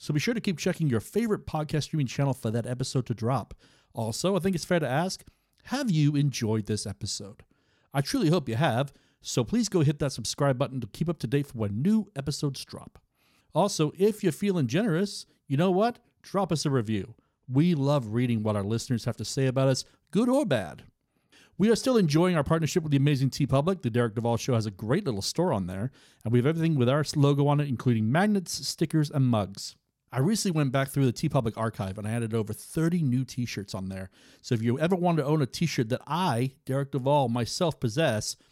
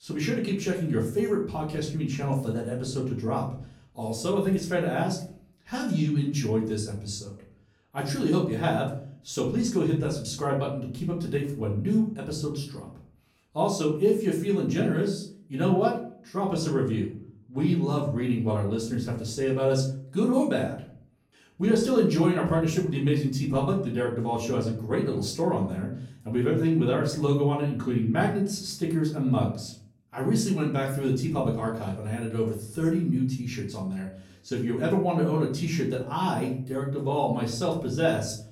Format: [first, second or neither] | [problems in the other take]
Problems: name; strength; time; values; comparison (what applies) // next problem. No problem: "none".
first | off-mic speech; far // room echo; slight; dies away in 0.4 s